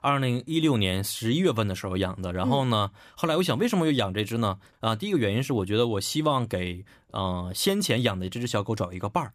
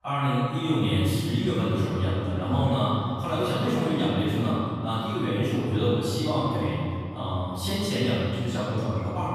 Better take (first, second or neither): first